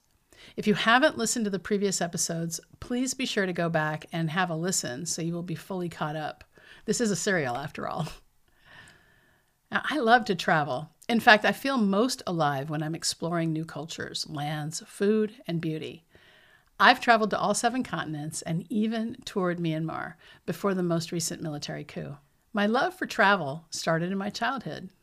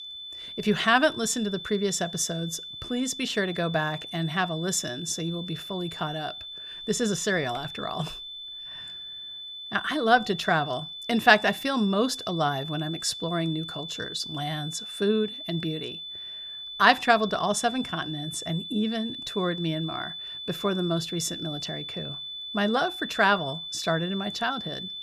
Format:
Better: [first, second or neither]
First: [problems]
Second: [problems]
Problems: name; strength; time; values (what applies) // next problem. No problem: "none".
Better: first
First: none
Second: high-pitched whine; loud; throughout; 3.5 kHz, 9 dB below the speech